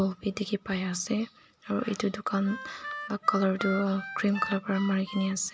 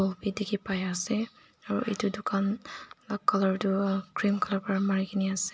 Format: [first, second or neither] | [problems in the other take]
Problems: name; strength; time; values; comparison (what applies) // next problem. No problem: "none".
second | background sound (Harmonica); 11 dB below the speech